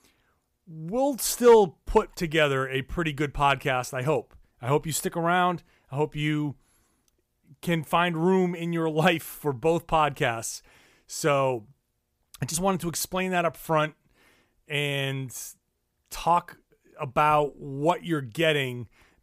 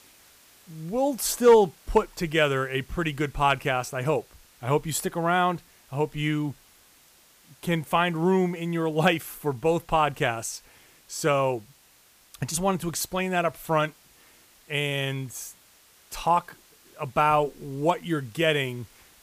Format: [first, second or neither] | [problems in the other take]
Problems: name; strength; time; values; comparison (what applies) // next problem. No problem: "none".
first | hiss; faint; throughout; 30 dB below the speech